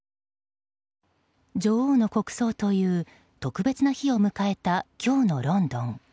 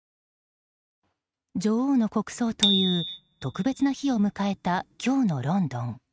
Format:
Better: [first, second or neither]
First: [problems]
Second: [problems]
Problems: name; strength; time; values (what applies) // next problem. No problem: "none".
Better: first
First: none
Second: noise reduction (neural mask model RNNoise)